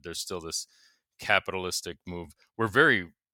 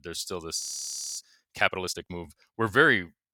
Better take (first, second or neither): first